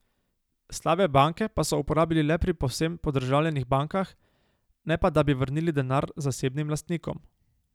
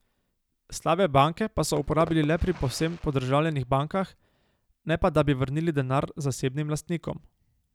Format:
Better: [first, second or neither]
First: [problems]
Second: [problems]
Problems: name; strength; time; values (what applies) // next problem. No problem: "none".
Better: first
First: none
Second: background sound (Fireworks); 18 dB below the speech